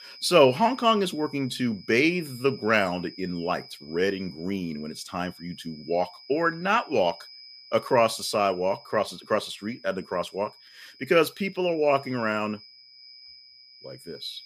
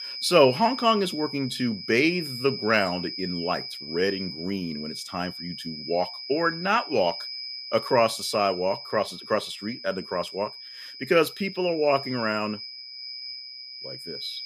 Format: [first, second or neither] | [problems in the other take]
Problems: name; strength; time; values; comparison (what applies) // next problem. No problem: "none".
first | high-pitched whine; loud; throughout; 5 kHz, 9 dB below the speech; faint in the first